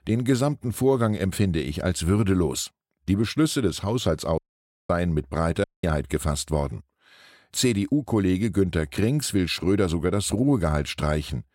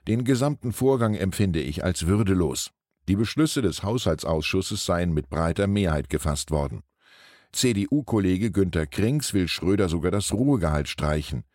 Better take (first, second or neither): second